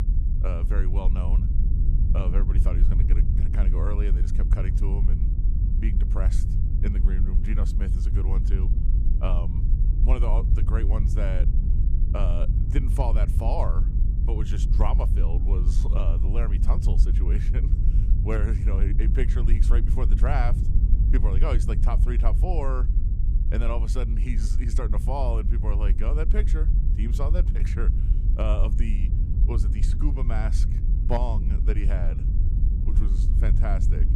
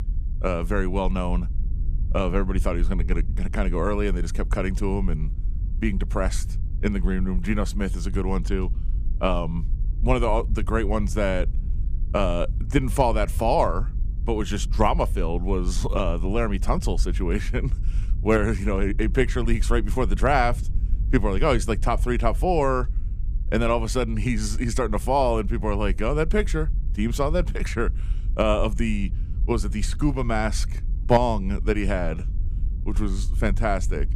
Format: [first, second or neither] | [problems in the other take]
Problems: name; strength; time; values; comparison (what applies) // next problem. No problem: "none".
second | low rumble; loud; throughout; 6 dB below the speech; faint in the second